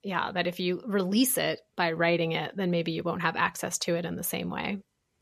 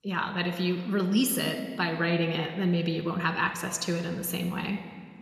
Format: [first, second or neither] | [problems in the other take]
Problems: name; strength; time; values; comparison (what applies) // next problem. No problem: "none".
first | room echo; slight; dies away in 1.4 s